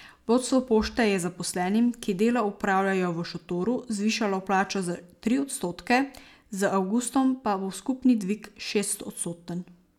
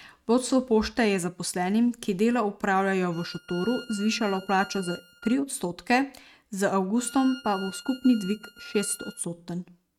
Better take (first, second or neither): first